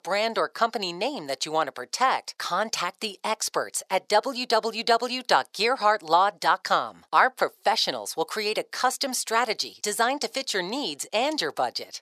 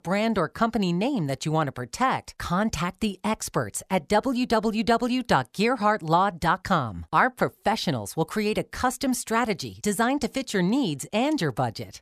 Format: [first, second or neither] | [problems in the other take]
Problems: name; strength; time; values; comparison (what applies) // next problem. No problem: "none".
second | thin; somewhat; fading below 550 Hz